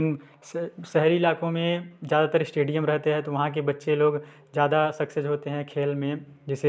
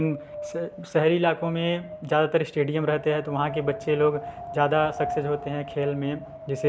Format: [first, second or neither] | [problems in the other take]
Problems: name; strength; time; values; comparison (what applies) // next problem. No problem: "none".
first | background sound (Wind); 13 dB below the speech